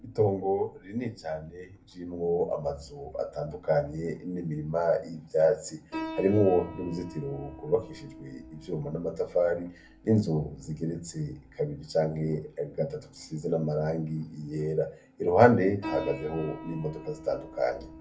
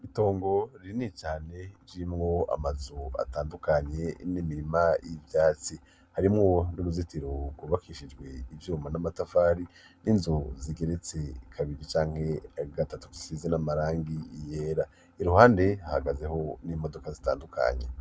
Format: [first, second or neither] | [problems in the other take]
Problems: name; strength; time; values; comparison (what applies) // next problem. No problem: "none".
second | background sound (Piano); 17 dB below the speech // room echo; dies away in 0.3 s